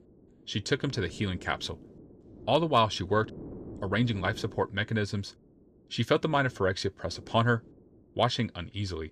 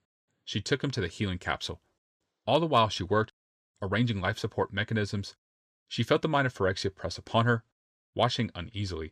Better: second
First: wind noise on the microphone; occasional gusts; 25 dB below the speech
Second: none

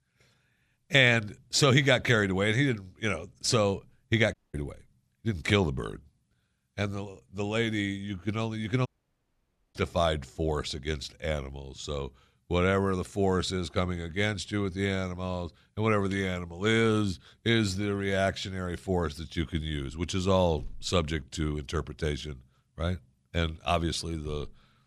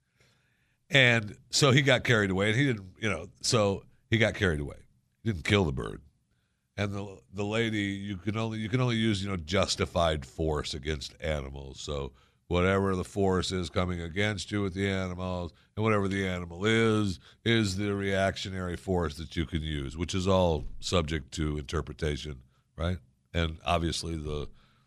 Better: second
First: audio cutting out; at 4.5 s and at 9 s for 1 s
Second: none

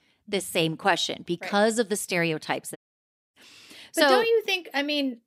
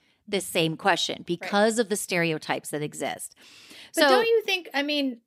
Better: second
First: audio cutting out; at 3 s for 0.5 s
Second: none

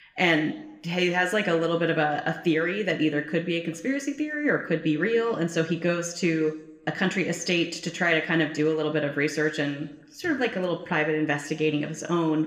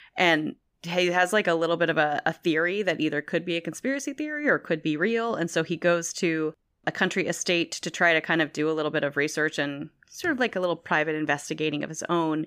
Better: second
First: room echo; very slight; dies away in 0.7 s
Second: none

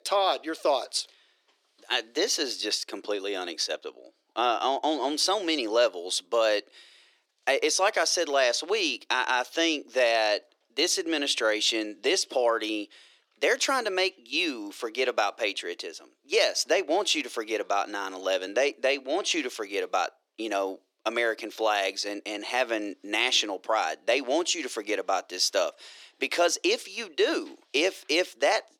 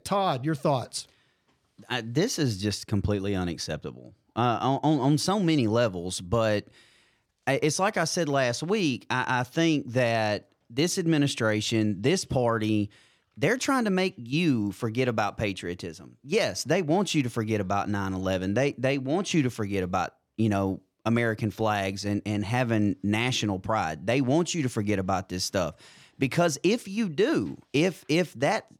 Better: second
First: thin; very; fading below 350 Hz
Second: none

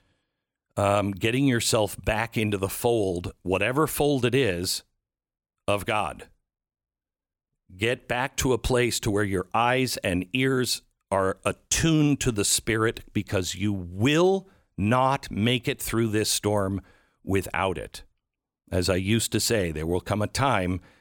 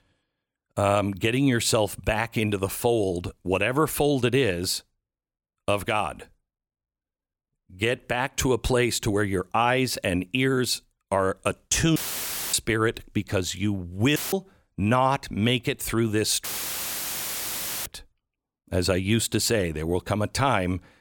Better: first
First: none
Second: audio cutting out; filled with static; at 12 s for 0.5 s, at 14 s and at 16 s for 1.5 s

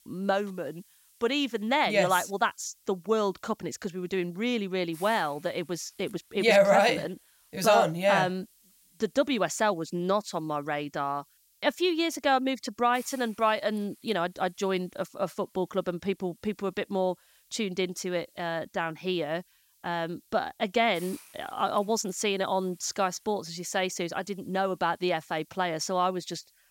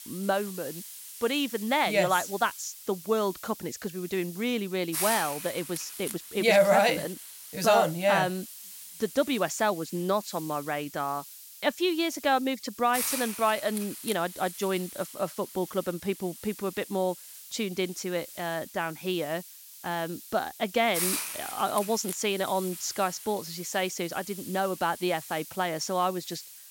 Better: first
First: hiss; faint; throughout; 30 dB below the speech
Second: hiss; loud; throughout; 10 dB below the speech

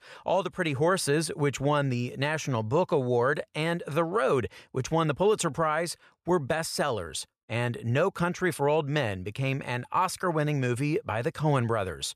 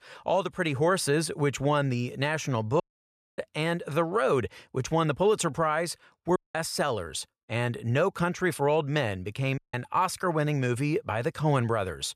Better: first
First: none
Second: audio cutting out; at 3 s for 0.5 s, at 6.5 s and at 9.5 s

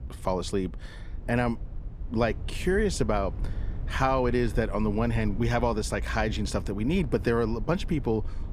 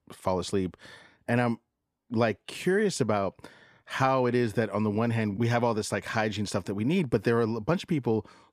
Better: second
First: low rumble; faint; throughout; 20 dB below the speech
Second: none

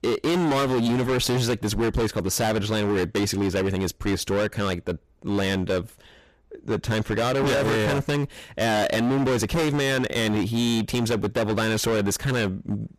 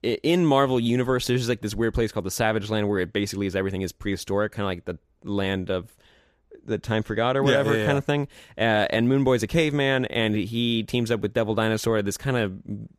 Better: second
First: distortion; heavy; 26% of the sound clipped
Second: none

